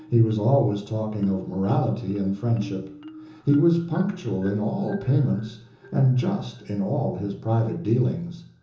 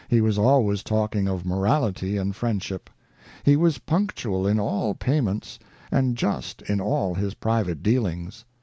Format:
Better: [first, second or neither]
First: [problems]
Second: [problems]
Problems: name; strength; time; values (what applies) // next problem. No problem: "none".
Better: second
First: background sound (Marimba, xylophone); 19 dB below the speech // room echo; dies away in 0.6 s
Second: none